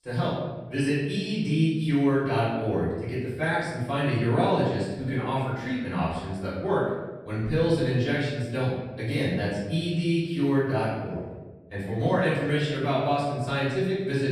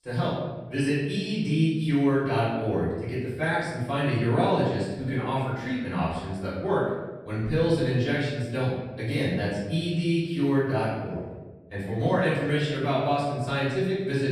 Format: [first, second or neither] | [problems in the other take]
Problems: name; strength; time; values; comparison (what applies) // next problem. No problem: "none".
neither | room echo; noticeable; dies away in 1.1 s; the same in both // off-mic speech; far; the same in both